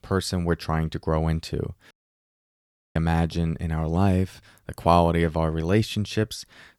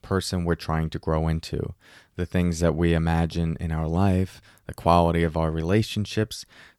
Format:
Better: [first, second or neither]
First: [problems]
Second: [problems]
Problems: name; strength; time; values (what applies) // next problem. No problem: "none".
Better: second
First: audio cutting out; at 2 s for 1 s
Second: none